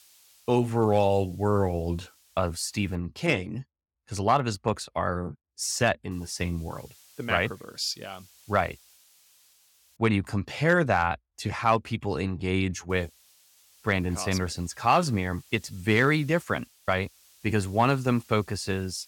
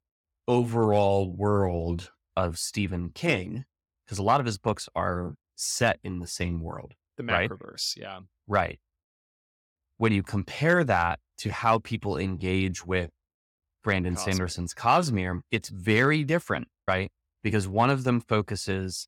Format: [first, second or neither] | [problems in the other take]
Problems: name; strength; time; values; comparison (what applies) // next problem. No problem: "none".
second | hiss; faint; until 3 s, from 6 to 10 s and from 13 s on; 30 dB below the speech